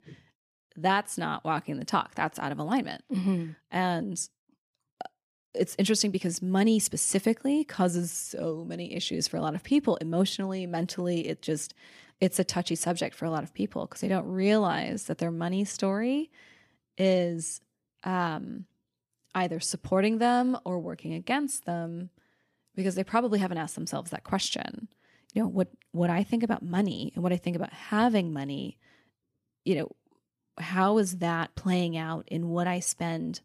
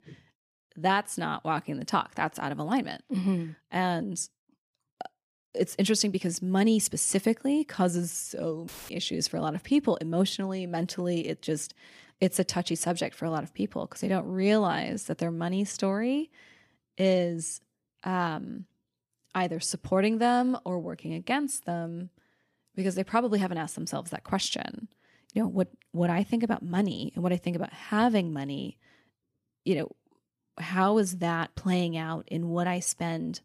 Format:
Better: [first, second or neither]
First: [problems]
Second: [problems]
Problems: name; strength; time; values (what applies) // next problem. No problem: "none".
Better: first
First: none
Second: audio cutting out; filled with static; at 8.5 s